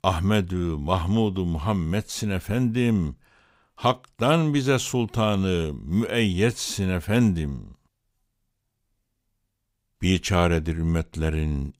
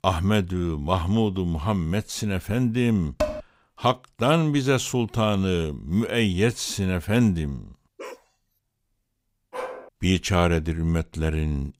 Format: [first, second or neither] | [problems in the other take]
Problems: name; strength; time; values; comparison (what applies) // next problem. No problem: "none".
first | clattering dishes; noticeable; at 3 s; peak 5 dB below the speech // dog barking; faint; at 8 s and at 9.5 s; peak 10 dB below the speech